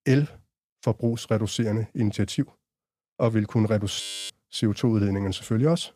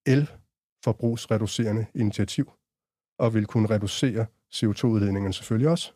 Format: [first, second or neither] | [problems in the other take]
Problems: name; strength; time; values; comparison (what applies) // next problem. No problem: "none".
second | audio freezing; at 4 s